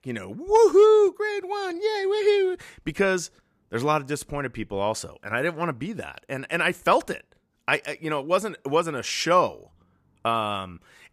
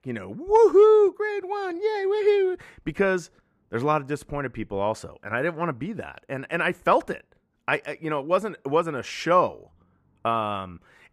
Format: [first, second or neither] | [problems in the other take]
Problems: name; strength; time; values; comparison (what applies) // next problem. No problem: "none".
first | muffled; slightly; fading above 3 kHz